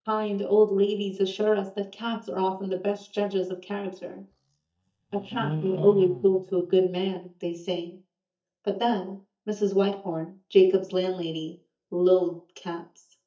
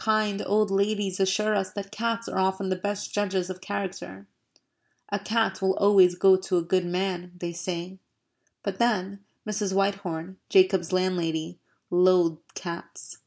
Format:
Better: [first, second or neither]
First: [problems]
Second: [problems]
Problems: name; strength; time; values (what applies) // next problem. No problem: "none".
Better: second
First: noise reduction (neural mask model DeepFilterNet 3)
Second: none